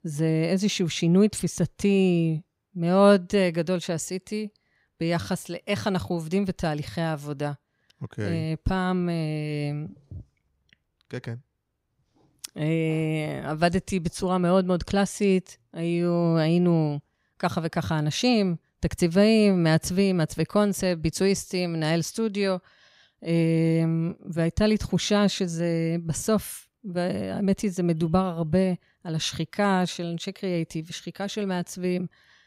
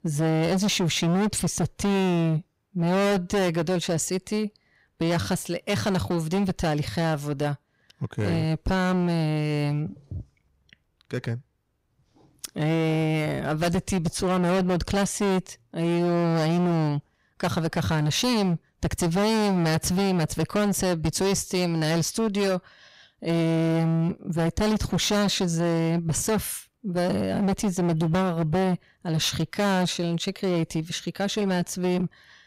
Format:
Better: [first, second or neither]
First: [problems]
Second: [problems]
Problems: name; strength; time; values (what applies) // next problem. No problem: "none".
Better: first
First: none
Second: distortion; heavy; 22% of the sound clipped